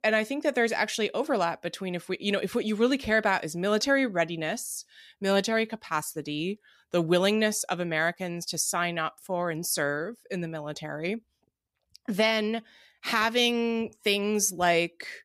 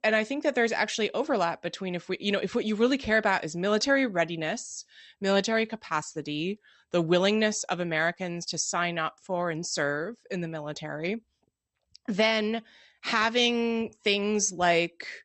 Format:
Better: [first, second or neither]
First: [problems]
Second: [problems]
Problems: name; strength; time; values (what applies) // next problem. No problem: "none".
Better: first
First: none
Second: garbled, watery; slightly; nothing above 8 kHz